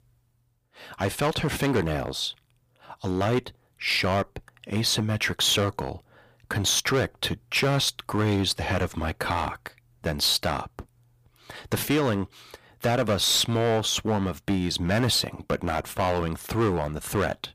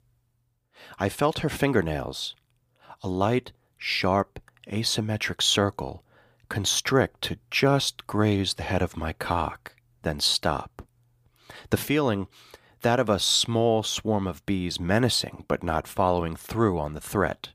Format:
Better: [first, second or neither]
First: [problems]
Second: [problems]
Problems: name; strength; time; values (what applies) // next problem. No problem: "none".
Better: second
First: distortion; heavy; 8% of the sound clipped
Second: none